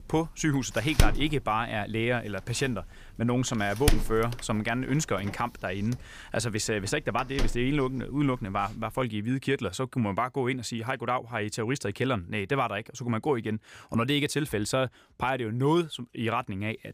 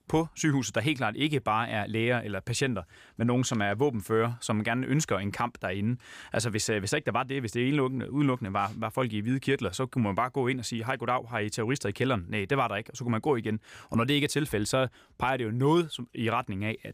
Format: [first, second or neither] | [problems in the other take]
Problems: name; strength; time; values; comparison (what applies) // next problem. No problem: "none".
second | door banging; loud; from 1 to 8 s; peak 2 dB above the speech